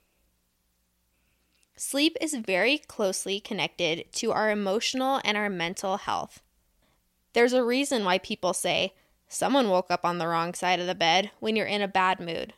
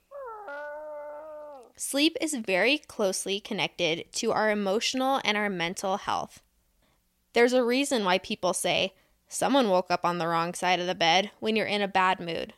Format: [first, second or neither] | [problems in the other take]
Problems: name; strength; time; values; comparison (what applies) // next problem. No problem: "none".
first | dog barking; faint; until 1.5 s; peak 10 dB below the speech